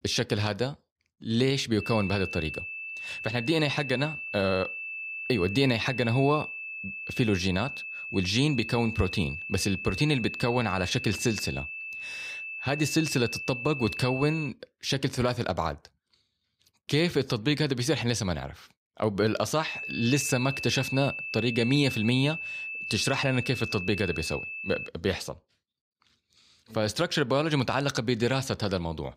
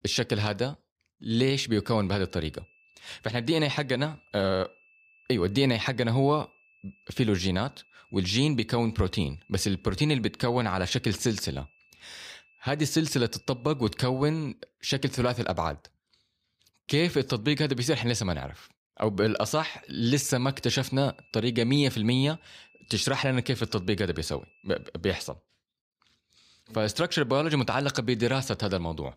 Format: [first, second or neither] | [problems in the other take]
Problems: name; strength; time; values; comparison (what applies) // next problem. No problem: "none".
second | high-pitched whine; loud; from 2 to 14 s and from 20 to 25 s; 2.5 kHz, 7 dB below the speech; faint in the second